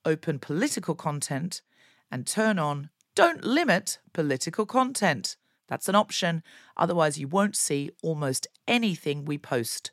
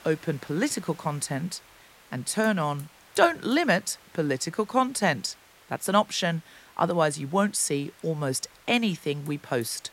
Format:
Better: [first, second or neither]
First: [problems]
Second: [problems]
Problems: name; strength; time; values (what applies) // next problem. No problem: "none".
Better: first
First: none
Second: hiss; faint; throughout; 25 dB below the speech